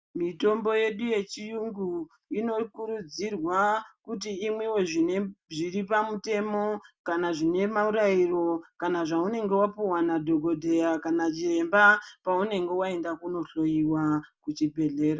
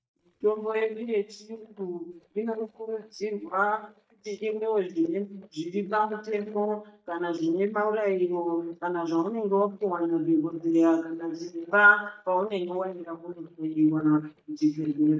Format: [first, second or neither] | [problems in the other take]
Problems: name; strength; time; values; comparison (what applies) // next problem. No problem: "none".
first | noise reduction (neural mask model DeepFilterNet 3)